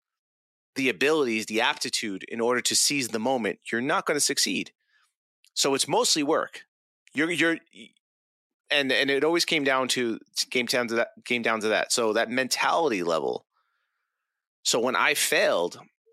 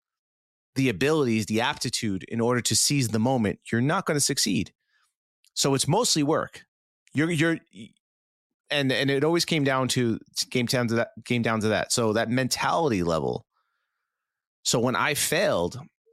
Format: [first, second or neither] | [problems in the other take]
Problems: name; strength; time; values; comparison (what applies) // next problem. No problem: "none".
second | thin; very slightly; fading below 350 Hz